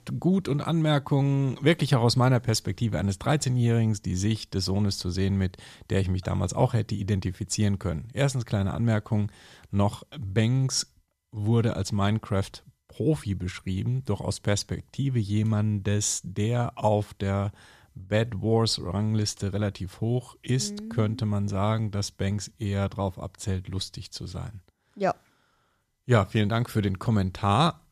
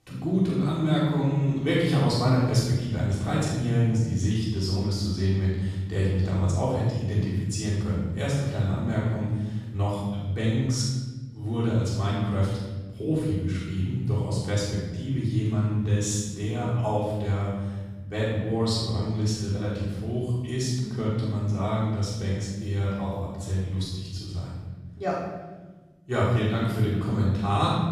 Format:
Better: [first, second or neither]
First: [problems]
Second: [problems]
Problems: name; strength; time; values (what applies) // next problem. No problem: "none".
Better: first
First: none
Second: off-mic speech; far // room echo; strong; dies away in 1.4 s